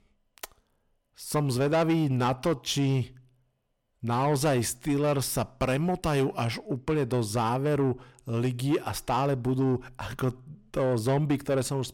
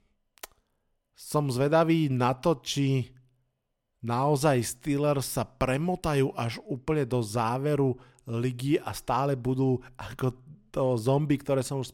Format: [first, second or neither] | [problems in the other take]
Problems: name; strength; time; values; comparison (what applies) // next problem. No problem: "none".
second | distortion; slight; 10 dB below the speech